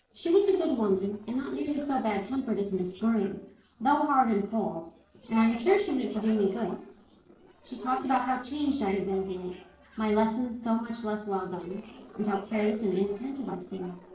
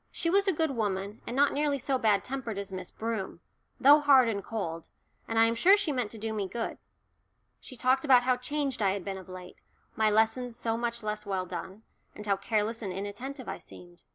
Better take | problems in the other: second | noise reduction (neural separator model SepFormer DNS4)

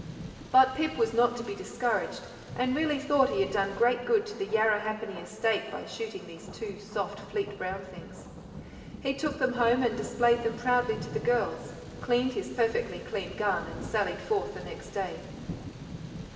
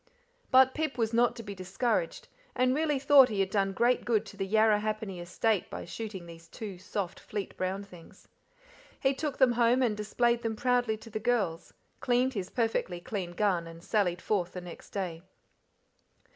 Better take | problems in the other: second | background sound (Thunder); 13 dB below the speech // room echo; dies away in 2.7 s

